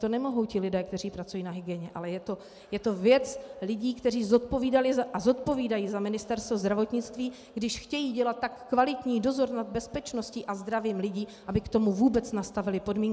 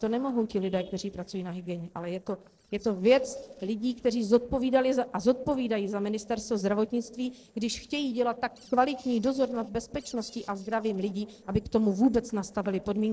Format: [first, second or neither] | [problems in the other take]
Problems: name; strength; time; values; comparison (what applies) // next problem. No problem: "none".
first | noise reduction (neural separator model SepFormer DNS4)